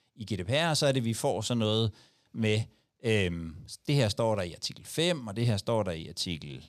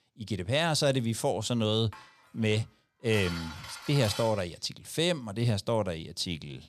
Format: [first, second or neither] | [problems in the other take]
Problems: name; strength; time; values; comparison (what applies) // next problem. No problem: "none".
first | clattering dishes; noticeable; from 2 to 4.5 s; peak 8 dB below the speech